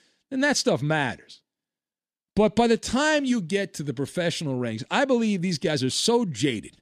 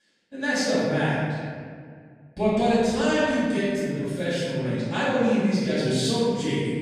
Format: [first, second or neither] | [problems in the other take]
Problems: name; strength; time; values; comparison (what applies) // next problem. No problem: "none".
first | off-mic speech; far // room echo; strong; dies away in 1.9 s